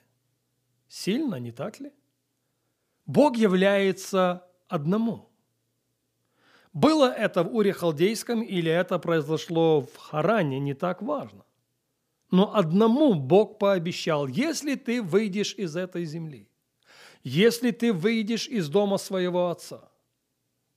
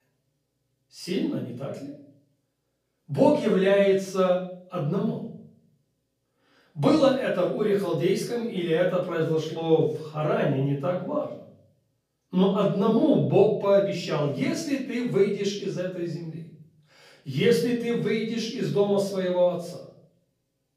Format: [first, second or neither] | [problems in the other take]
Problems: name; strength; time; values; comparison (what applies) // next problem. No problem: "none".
first | off-mic speech; far // room echo; noticeable; dies away in 0.6 s